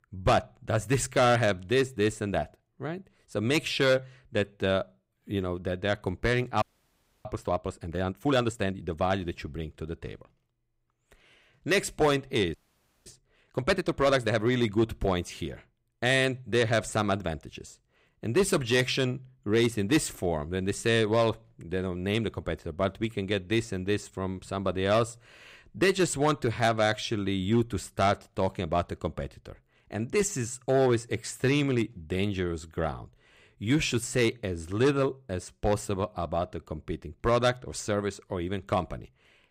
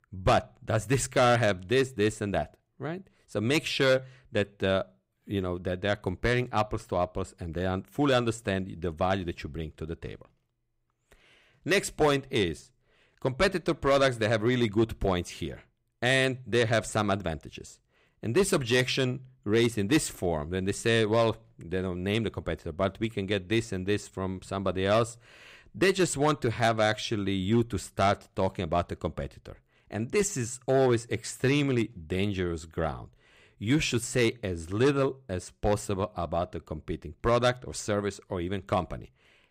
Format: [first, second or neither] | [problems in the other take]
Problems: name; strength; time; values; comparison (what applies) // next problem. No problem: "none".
second | audio freezing; at 6.5 s for 0.5 s and at 13 s for 0.5 s